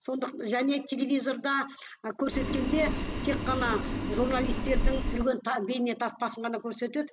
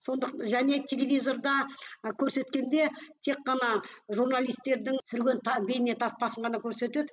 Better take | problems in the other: second | background sound (Boiling); 1 dB above the speech

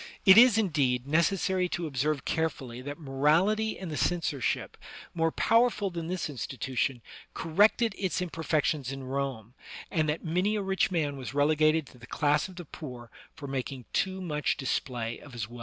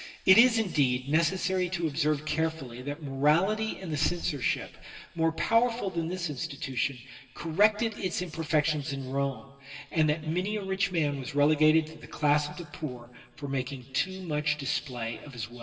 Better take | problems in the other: first | room echo; dies away in 1.3 s

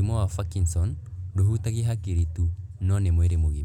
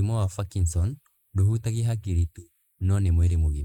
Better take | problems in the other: first | noise reduction (neural mask model Resemble Enhance denoiser)

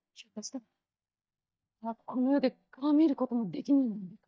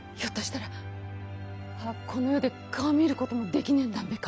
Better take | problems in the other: second | noise reduction (neural mask model DeepFilterNet 3)

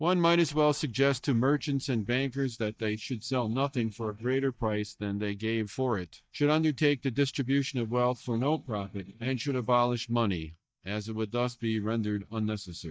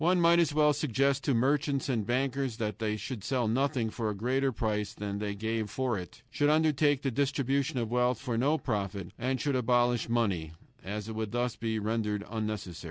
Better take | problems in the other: second | noise reduction (neural mask model DeepFilterNet 3)

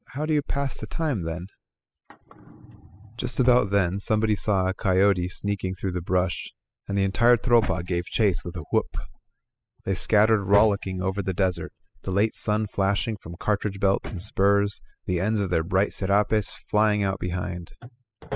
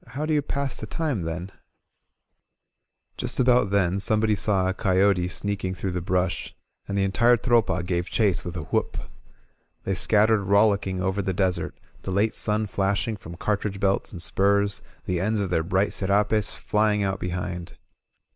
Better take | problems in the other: second | noise reduction (classical method spectral subtraction)

